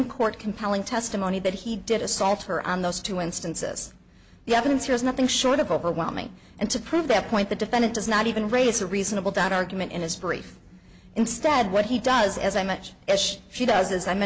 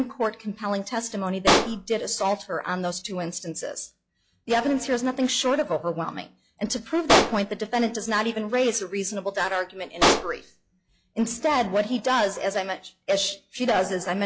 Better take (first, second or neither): first